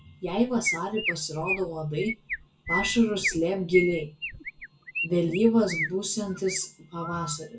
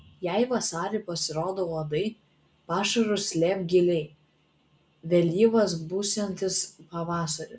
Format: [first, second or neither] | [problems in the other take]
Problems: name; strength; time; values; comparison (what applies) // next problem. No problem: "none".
second | background sound (Chirp, tweet); 7 dB below the speech // room echo; dies away in 0.2 s